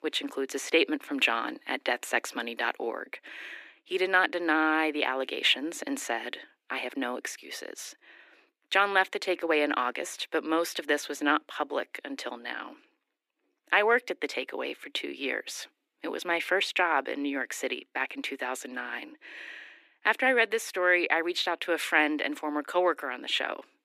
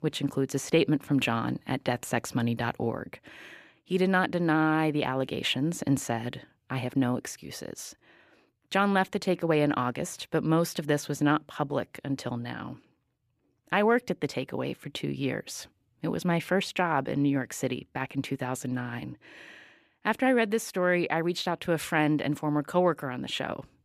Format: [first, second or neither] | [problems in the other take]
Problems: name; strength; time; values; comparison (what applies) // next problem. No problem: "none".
second | thin; somewhat; fading below 300 Hz